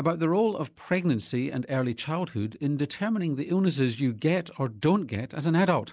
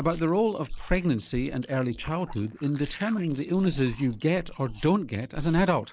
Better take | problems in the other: first | noise reduction (neural mask model Resemble Enhance denoiser)

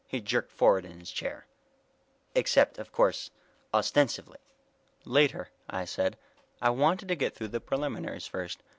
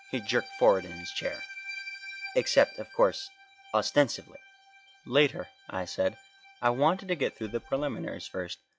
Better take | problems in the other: first | noise reduction (classical method log-MMSE)

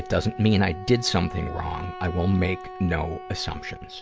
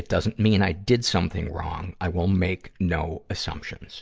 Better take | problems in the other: second | background sound (Wind instrument, woodwind instrument); 13 dB below the speech

